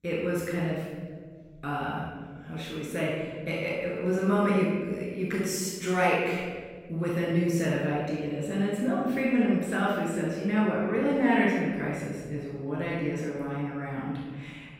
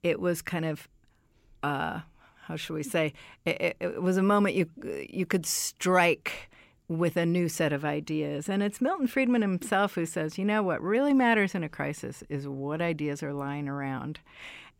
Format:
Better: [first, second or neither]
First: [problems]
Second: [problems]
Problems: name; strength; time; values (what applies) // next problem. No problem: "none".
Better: second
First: room echo; strong; dies away in 1.5 s // off-mic speech; far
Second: none